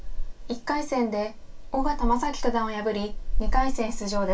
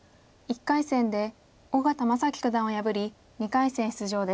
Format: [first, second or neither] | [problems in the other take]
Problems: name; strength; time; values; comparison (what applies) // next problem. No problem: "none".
second | background sound (Meow / Purr); 1 dB above the speech // room echo; dies away in 0.2 s